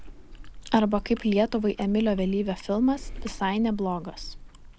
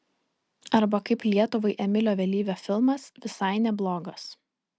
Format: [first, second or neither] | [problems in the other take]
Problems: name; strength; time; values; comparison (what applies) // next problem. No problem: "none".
second | background sound (Chewing, mastication); 13 dB below the speech